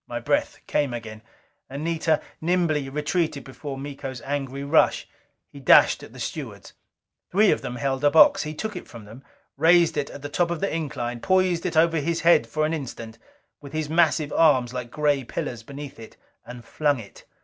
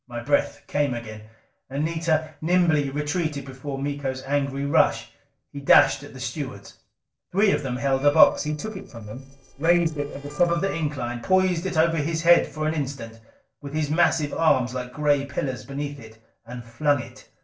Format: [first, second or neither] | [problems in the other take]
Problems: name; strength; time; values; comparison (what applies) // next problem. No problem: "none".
first | noise reduction (neural separator model SepFormer DNS4)